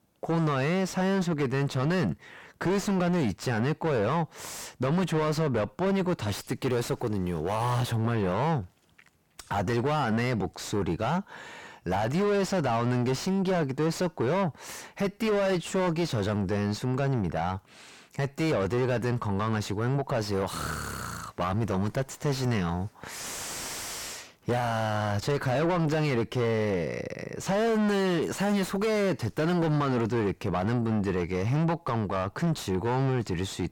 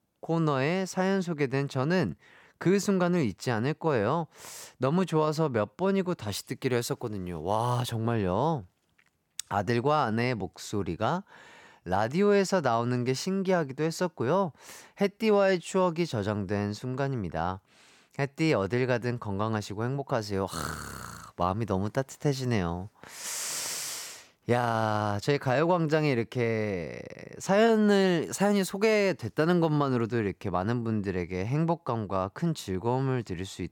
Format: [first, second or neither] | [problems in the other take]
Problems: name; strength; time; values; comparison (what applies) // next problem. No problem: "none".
second | distortion; heavy; 6 dB below the speech